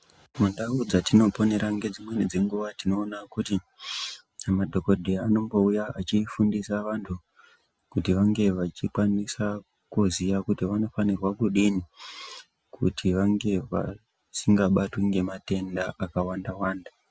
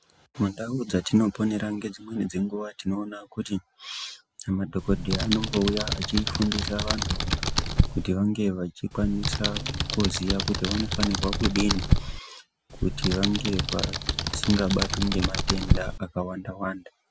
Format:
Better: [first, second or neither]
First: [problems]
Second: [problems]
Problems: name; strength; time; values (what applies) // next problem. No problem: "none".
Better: first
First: none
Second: background sound (Computer keyboard); 1 dB above the speech